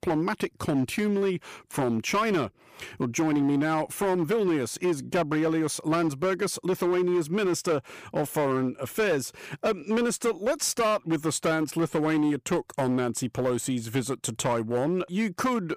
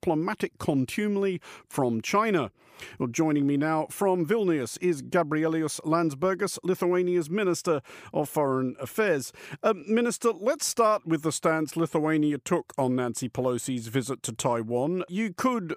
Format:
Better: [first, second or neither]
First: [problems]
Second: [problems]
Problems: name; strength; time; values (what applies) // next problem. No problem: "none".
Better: second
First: distortion; slight; 12% of the sound clipped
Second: none